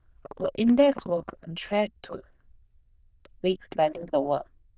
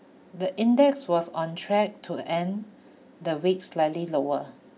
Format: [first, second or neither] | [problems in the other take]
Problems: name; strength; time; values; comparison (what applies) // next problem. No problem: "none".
second | noise reduction (neural diffusion model UNIVERSE++)